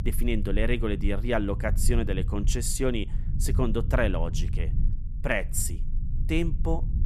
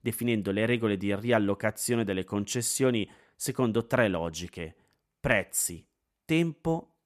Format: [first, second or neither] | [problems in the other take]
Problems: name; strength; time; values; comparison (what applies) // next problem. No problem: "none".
second | low rumble; noticeable; throughout; 15 dB below the speech